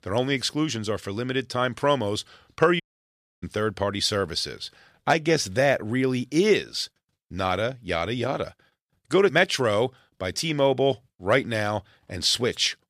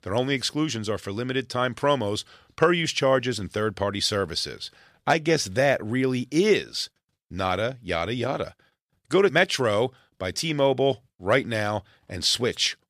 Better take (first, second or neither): second